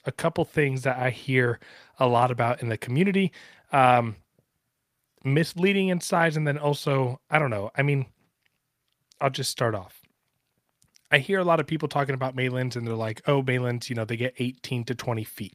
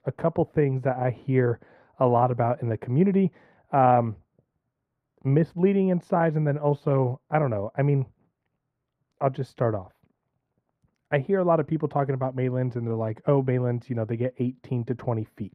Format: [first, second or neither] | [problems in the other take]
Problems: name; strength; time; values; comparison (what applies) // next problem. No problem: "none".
first | muffled; very; fading above 2 kHz